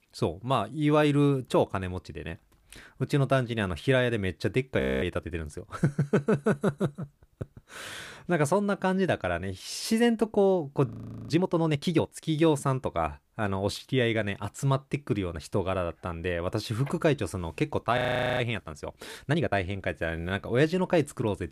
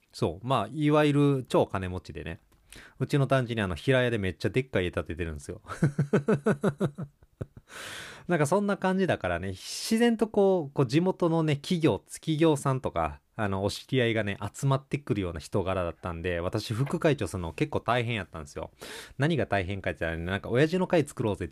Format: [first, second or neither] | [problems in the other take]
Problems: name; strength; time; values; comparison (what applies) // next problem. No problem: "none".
second | audio freezing; at 5 s, at 11 s and at 18 s